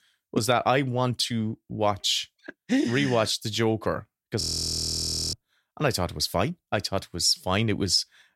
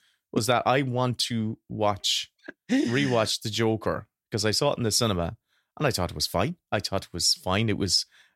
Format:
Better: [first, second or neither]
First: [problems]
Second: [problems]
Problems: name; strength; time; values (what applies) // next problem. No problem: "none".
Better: second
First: audio freezing; at 4.5 s for 1 s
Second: none